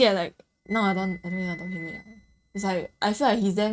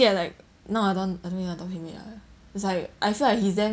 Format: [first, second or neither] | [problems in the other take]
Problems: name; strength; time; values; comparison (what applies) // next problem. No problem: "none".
second | noise reduction (neural mask model RNNoise)